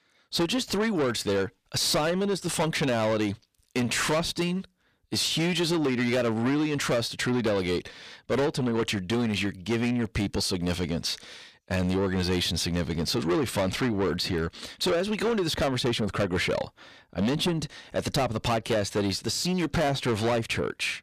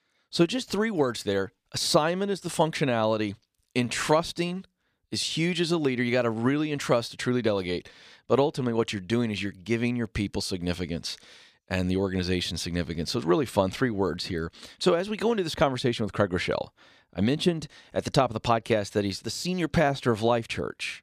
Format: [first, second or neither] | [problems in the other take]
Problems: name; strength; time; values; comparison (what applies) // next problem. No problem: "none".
second | distortion; heavy; 6 dB below the speech